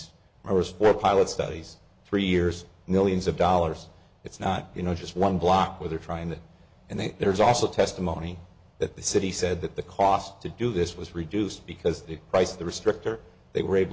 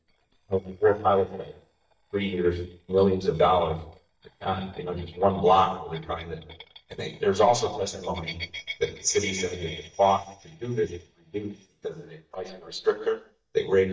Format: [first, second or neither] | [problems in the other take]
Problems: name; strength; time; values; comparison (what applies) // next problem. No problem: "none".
first | noise reduction (neural mask model DeepFilterNet 3)